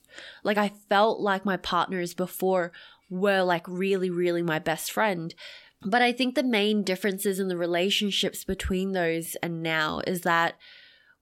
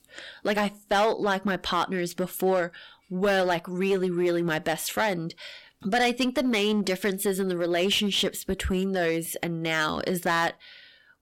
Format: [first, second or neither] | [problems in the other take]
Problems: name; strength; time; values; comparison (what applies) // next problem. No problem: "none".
first | distortion; slight; 6% of the sound clipped